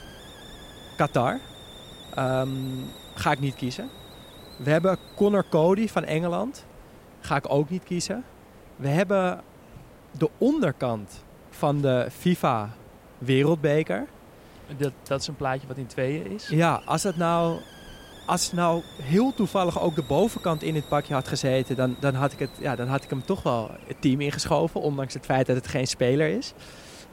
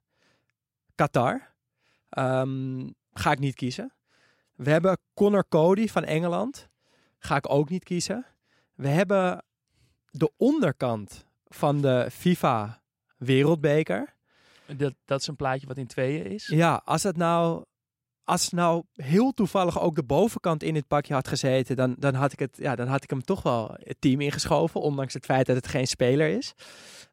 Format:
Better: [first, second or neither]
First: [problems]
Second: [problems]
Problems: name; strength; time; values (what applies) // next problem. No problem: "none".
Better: second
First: hiss; noticeable; throughout; 20 dB below the speech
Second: none